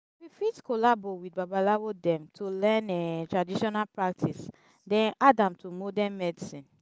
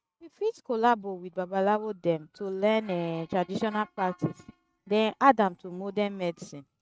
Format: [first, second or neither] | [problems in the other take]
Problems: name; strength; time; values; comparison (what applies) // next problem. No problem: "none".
first | noise reduction (neural mask model RNNoise)